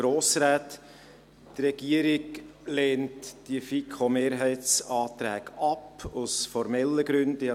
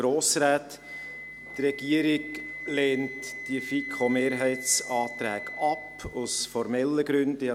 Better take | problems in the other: first | background sound (Wind instrument, woodwind instrument); 12 dB below the speech

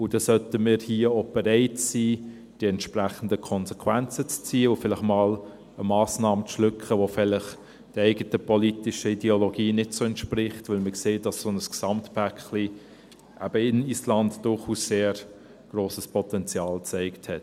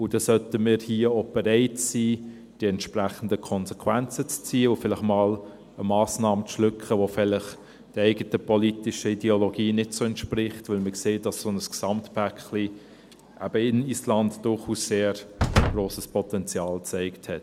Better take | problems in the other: first | background sound (Slam); 3 dB below the speech

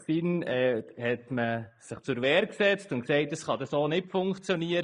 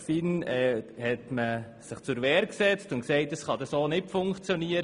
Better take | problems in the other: second | noise reduction (neural mask model Resemble Enhance denoiser)

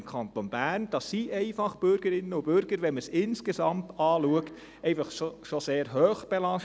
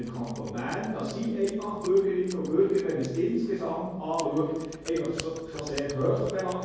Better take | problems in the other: first | background sound (Scissors); 18 dB below the speech // room echo; dies away in 1.3 s

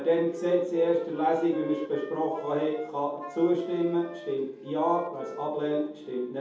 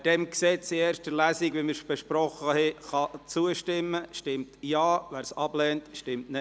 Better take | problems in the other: second | background sound (Wind instrument, woodwind instrument); 15 dB below the speech // room echo; dies away in 0.7 s

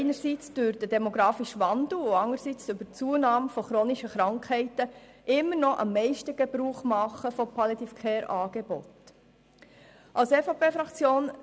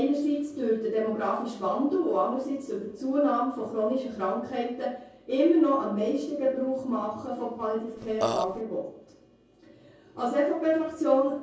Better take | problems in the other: first | background sound (Burping, eructation); 3 dB below the speech // room echo; dies away in 0.6 s

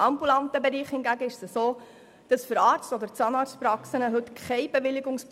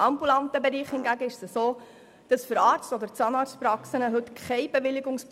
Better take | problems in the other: first | background sound (Fart); 16 dB below the speech

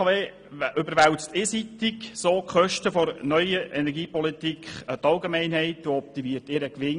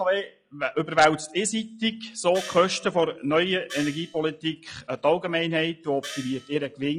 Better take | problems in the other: first | noise reduction (classical method log-MMSE)

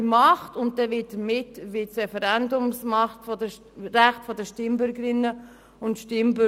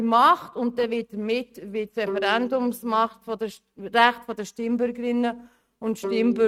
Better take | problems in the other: first | noise reduction (neural mask model RNNoise)

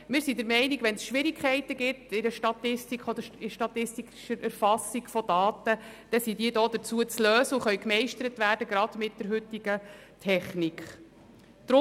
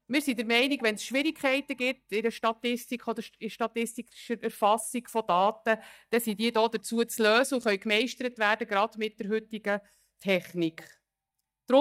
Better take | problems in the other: first | noise reduction (neural mask model DeepFilterNet 3)

